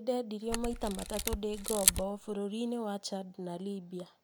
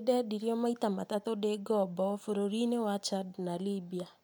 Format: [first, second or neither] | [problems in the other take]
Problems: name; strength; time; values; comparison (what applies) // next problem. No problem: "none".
second | background sound (Camera); 1 dB above the speech